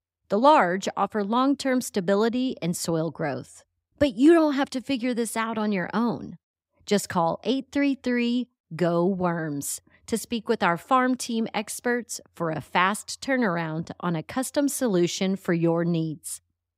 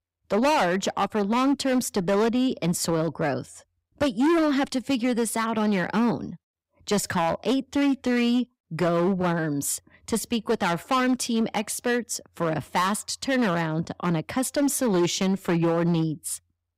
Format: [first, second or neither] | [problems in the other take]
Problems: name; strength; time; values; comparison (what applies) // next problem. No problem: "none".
first | distortion; heavy; 11% of the sound clipped